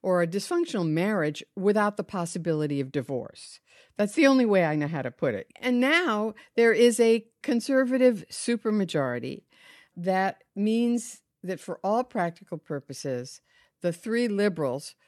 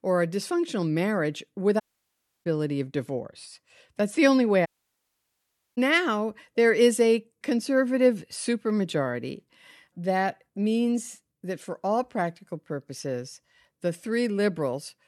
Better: first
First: none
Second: audio cutting out; at 2 s for 0.5 s and at 4.5 s for 1 s

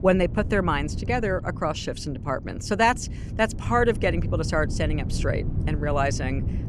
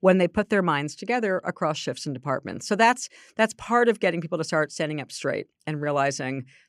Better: second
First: wind noise on the microphone; occasional gusts; 15 dB below the speech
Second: none

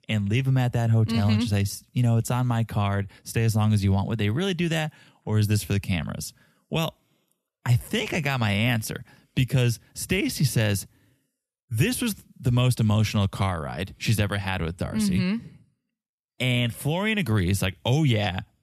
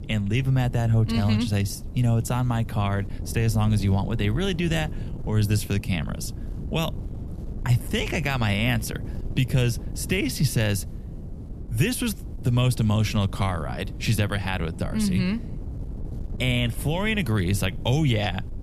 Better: first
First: none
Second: wind noise on the microphone; occasional gusts; 15 dB below the speech

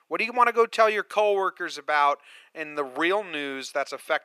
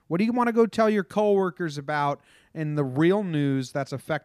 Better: second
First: thin; very; fading below 500 Hz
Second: none

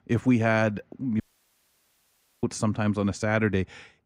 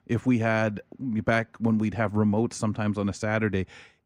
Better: second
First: audio cutting out; at 1 s for 1 s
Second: none

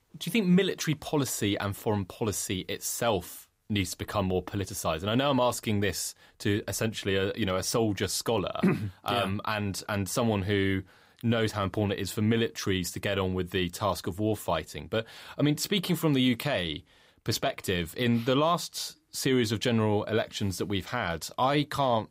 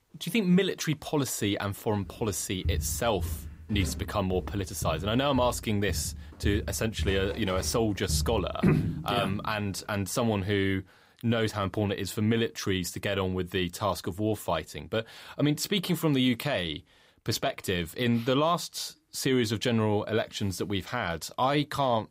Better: first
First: none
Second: footsteps; loud; from 2 to 9.5 s; peak 1 dB above the speech

